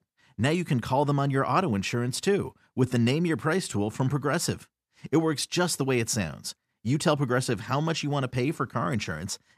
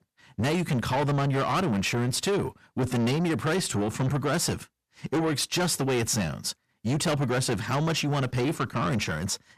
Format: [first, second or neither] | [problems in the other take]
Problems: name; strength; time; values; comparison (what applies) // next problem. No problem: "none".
first | distortion; heavy; 7 dB below the speech